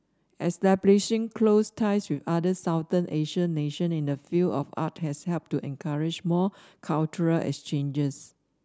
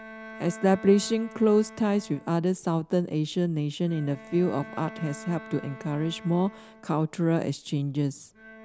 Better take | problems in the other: first | background sound (Bowed string instrument); 19 dB below the speech

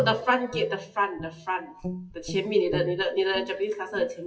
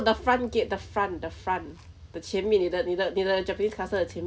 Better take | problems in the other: second | noise reduction (classical method WPE with log-MMSE)

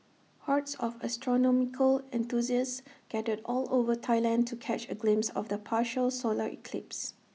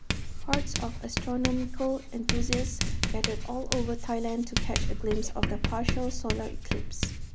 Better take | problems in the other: first | background sound (Writing); 4 dB above the speech

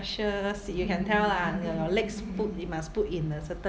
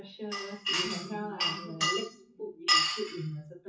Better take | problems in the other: first | noise reduction (classical method WPE with log-MMSE)

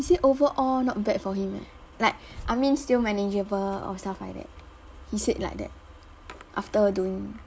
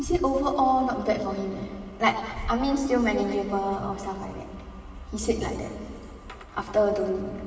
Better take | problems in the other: first | room echo; dies away in 2.3 s

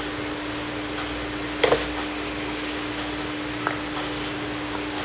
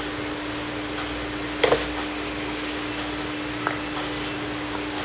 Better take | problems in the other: first | background sound (Ringtone); 20 dB below the speech

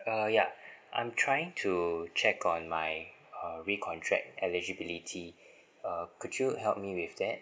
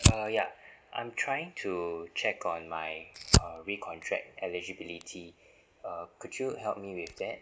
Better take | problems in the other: first | background sound (Fire); 2 dB above the speech

